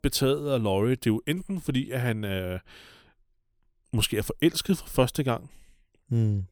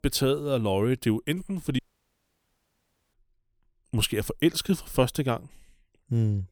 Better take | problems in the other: first | audio cutting out; at 2 s for 1.5 s

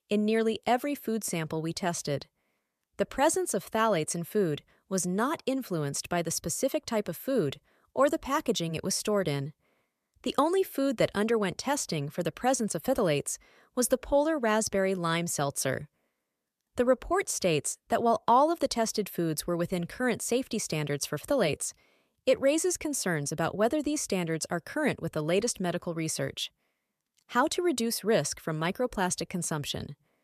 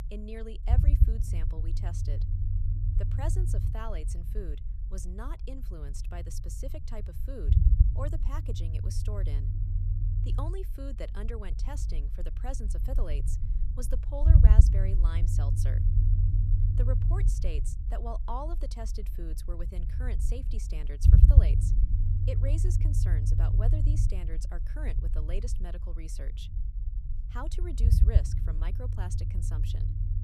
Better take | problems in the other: first | low rumble; loud; throughout; as loud as the speech

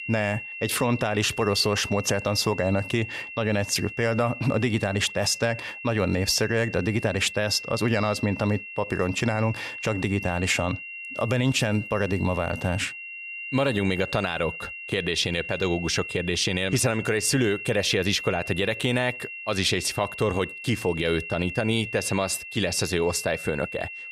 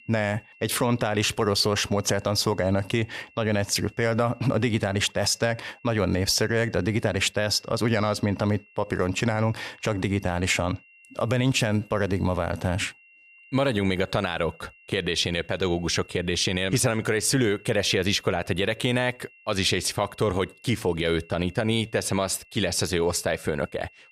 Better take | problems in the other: second | high-pitched whine; loud; throughout; 2.5 kHz, 10 dB below the speech; faint in the second

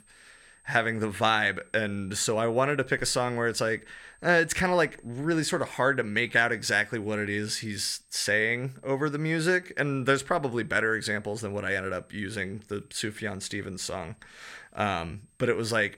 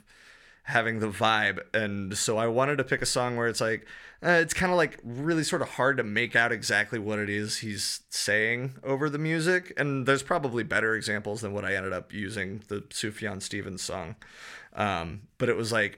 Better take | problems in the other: second | high-pitched whine; faint; throughout; 8.5 kHz, 35 dB below the speech

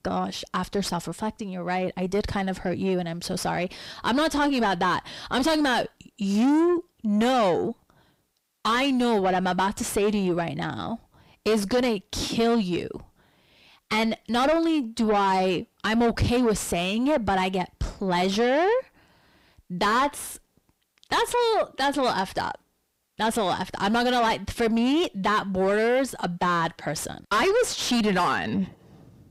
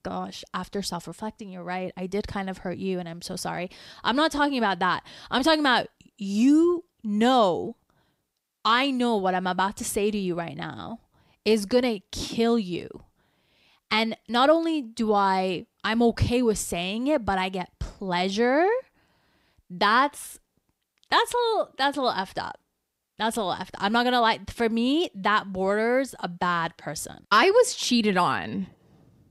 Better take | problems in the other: second | distortion; heavy; 7 dB below the speech

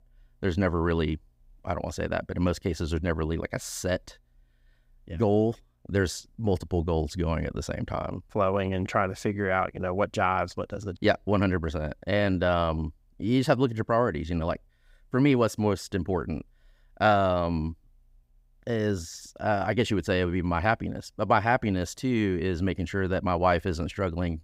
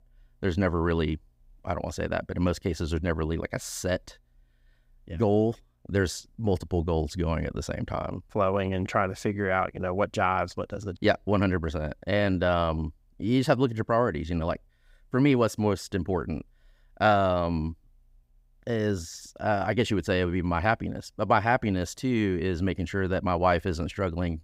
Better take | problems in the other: neither | none

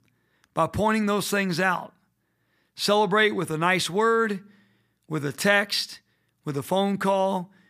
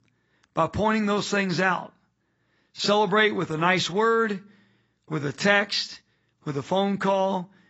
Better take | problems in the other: first | garbled, watery; badly; nothing above 7.5 kHz

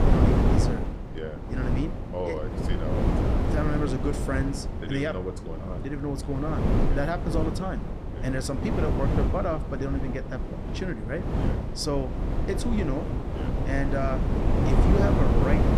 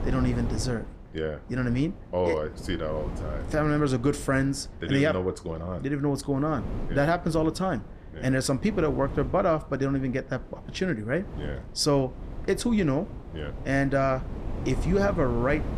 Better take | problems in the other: second | wind noise on the microphone; heavy; 1 dB below the speech; occasional gusts in the second

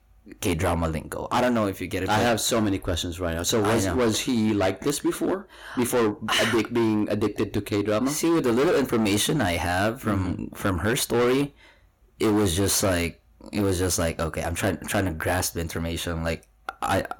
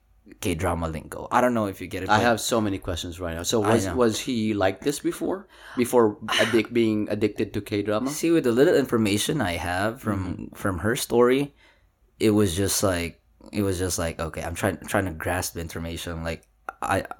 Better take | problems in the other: second | distortion; heavy; 13% of the sound clipped

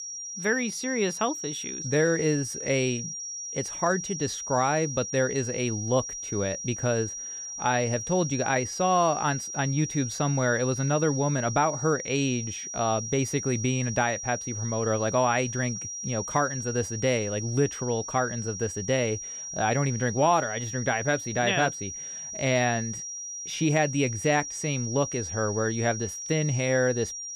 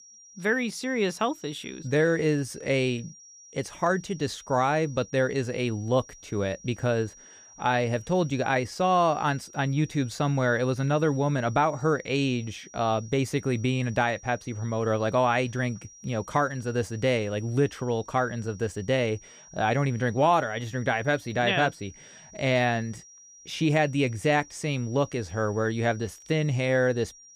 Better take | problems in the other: second | high-pitched whine; loud; throughout; 5.5 kHz, 6 dB below the speech; faint in the second

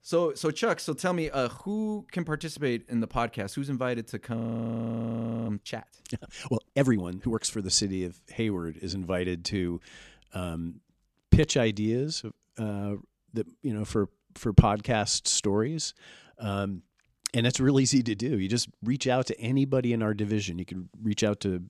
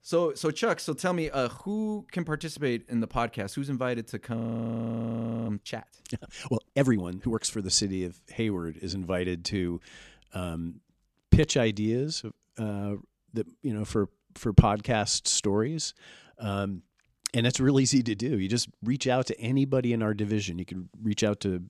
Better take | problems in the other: neither | audio freezing; at 4.5 s for 1 s; the same in both

